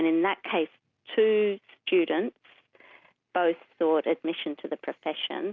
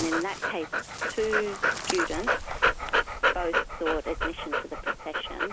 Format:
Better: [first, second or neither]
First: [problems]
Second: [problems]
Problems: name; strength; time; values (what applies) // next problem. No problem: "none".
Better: first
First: none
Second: background sound (Dog); 4 dB above the speech